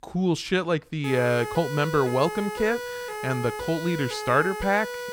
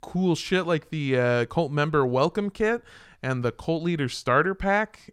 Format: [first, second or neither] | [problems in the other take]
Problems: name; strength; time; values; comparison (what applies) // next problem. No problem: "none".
second | siren; noticeable; from 1 s on; peak 7 dB below the speech